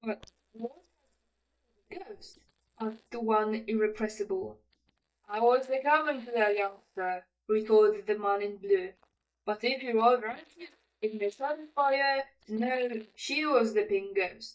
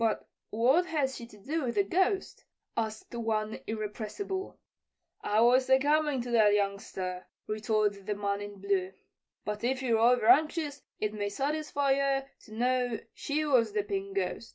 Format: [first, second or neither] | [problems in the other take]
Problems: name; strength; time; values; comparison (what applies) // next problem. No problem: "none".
second | noise reduction (neural mask model DeepFilterNet 3)